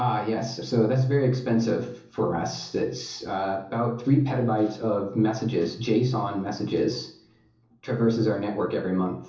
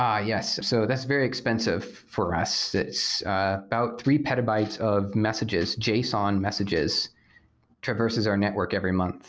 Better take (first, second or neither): second